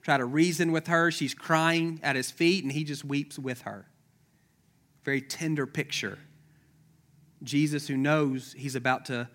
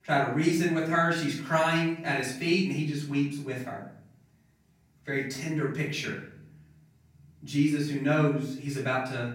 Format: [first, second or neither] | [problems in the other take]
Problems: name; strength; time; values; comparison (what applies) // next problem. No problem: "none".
first | off-mic speech; far // room echo; noticeable; dies away in 0.6 s